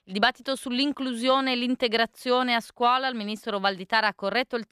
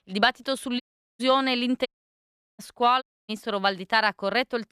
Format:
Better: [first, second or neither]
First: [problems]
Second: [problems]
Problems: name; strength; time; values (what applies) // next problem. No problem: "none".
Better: first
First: none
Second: audio cutting out; at 1 s, at 2 s for 0.5 s and at 3 s